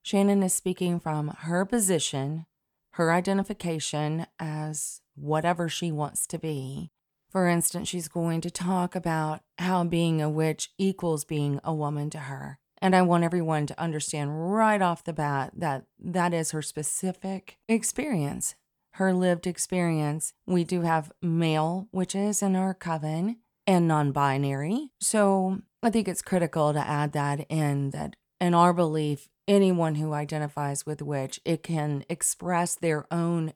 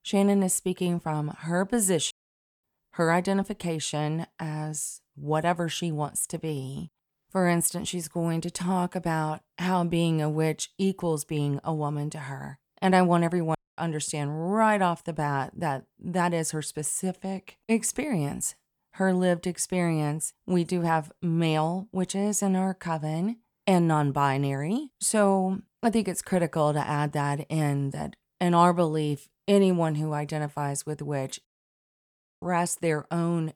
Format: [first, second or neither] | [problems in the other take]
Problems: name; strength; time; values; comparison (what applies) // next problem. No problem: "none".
first | audio cutting out; at 2 s for 0.5 s, at 14 s and at 31 s for 1 s